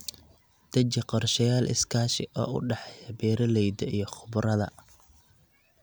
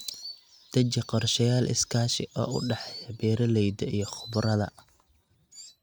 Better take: first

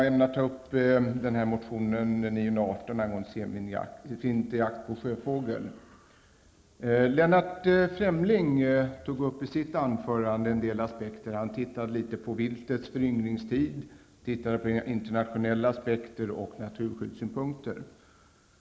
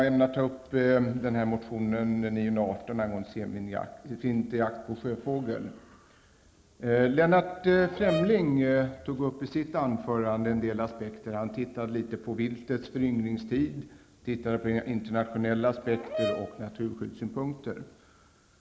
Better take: first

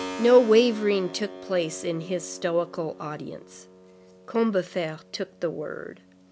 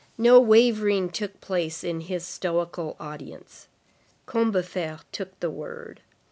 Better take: second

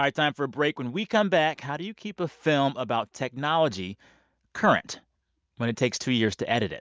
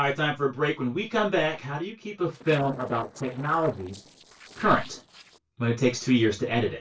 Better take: first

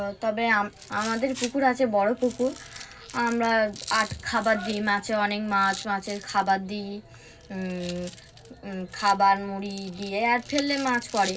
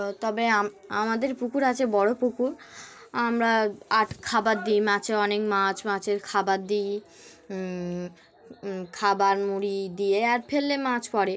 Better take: second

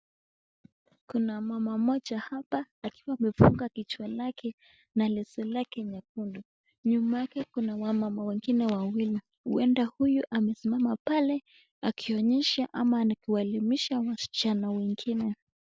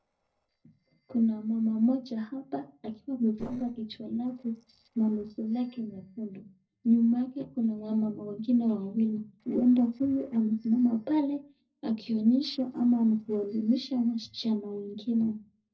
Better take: first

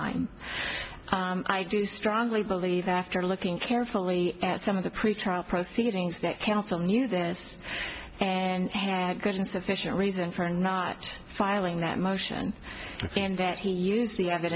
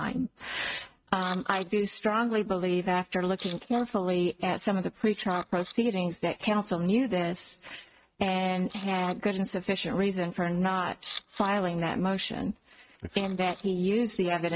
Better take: first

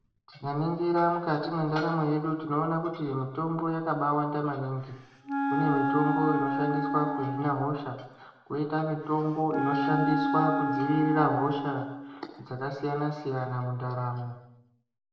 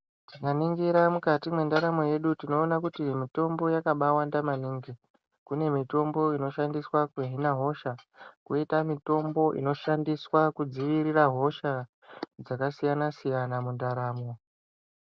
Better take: second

